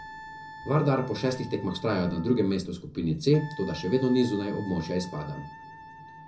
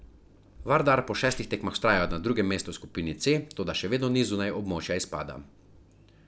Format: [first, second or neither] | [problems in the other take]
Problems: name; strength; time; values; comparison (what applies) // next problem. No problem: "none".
second | background sound (Wind instrument, woodwind instrument); 16 dB below the speech // room echo; dies away in 0.4 s